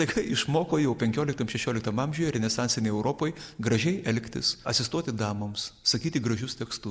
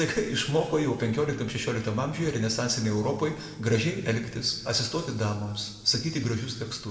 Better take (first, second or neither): first